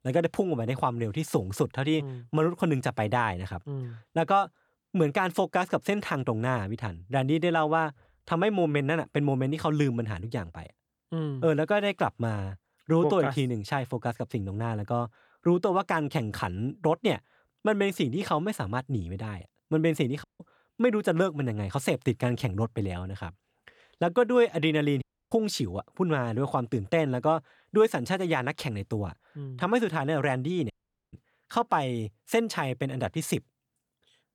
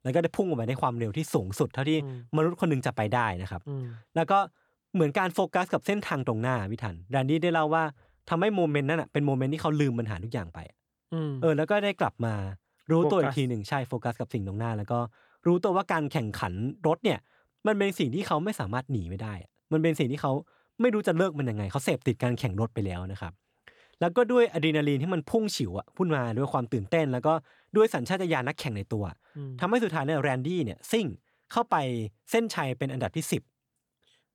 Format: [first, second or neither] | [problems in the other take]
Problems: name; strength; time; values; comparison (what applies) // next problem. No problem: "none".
second | audio cutting out; at 20 s, at 25 s and at 31 s